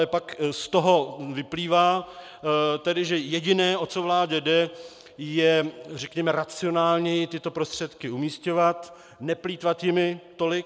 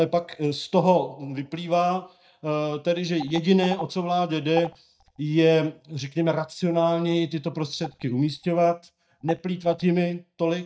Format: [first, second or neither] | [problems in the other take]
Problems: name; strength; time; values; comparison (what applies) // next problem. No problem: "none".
first | noise reduction (neural mask model DeepFilterNet 3)